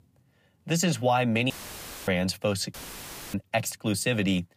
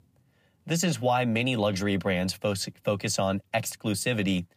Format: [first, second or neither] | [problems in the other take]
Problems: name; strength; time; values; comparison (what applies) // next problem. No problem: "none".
second | audio cutting out; filled with static; at 1.5 s for 0.5 s and at 2.5 s for 0.5 s